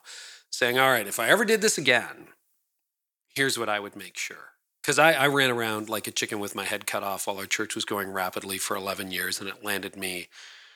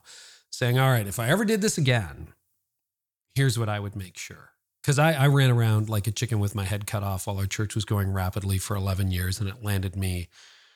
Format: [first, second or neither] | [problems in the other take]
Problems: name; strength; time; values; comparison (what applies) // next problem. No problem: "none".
second | thin; very; fading below 300 Hz